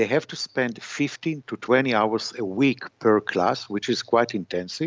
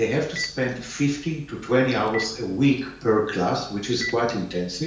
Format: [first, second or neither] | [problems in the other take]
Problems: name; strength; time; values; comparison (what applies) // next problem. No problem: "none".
first | background sound (Telephone); 15 dB below the speech // room echo; dies away in 0.5 s